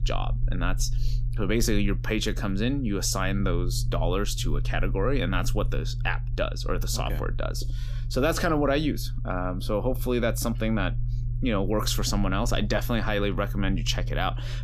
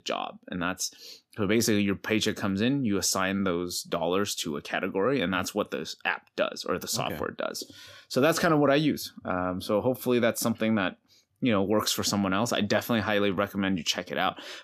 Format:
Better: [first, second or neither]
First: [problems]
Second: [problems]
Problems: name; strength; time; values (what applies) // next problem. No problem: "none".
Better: second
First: low rumble; noticeable; throughout; 15 dB below the speech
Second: none